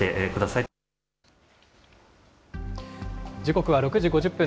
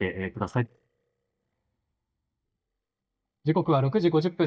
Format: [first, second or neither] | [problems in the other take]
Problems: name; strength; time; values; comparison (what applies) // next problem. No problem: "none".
first | noise reduction (neural mask model DeepFilterNet 3)